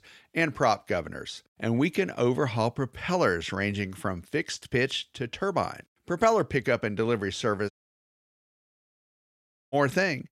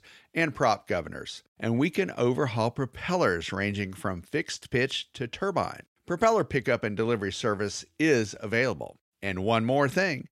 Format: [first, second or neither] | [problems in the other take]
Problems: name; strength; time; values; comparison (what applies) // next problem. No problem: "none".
second | audio cutting out; at 7.5 s for 2 s